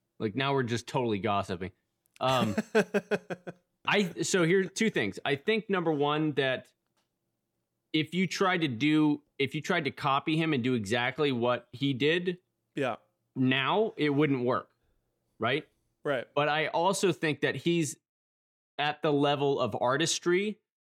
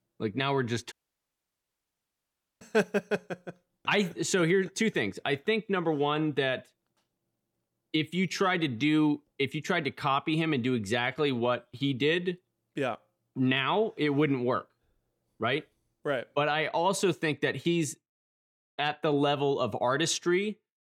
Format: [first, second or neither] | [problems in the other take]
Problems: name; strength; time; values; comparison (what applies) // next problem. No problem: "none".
first | audio cutting out; at 1 s for 1.5 s